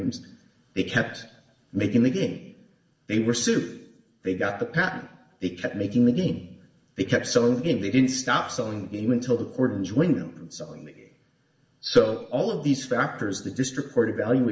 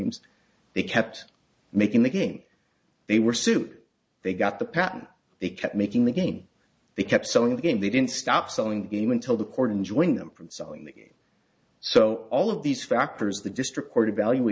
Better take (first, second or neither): second